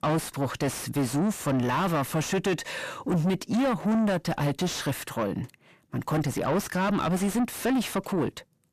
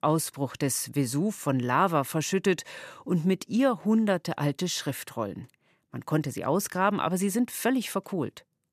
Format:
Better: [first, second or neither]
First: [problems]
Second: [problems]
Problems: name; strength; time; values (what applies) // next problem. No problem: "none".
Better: second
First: distortion; heavy; 5 dB below the speech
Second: none